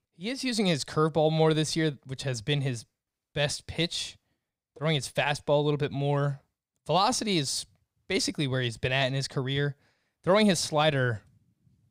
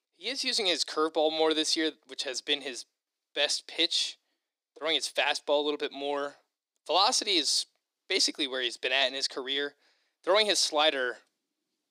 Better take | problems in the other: first | thin; somewhat; fading below 300 Hz

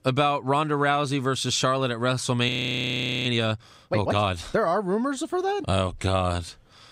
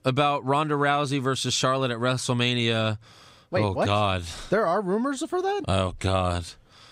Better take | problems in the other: second | audio freezing; at 2.5 s for 1 s

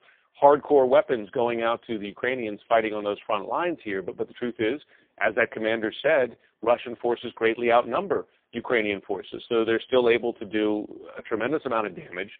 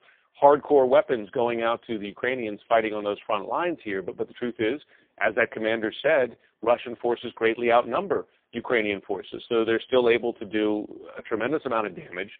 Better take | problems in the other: neither | phone-call audio; poor line; the same in both

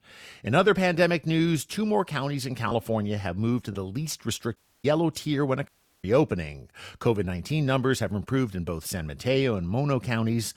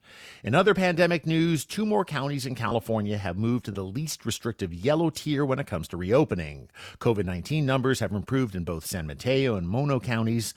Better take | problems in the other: second | audio cutting out; at 4.5 s and at 5.5 s

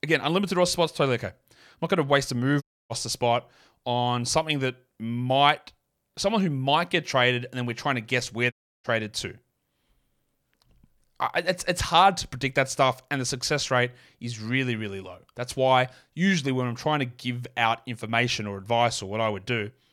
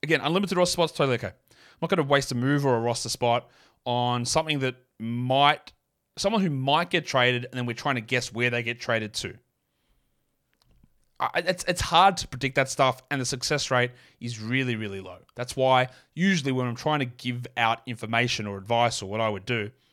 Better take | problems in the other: second | audio cutting out; at 2.5 s and at 8.5 s

